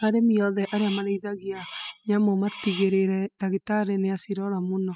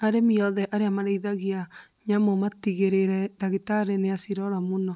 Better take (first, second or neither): second